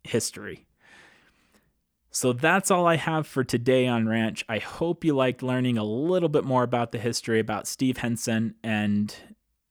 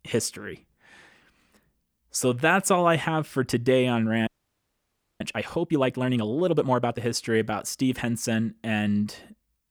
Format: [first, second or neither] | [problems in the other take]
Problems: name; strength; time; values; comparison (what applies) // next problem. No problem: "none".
first | audio freezing; at 4.5 s for 1 s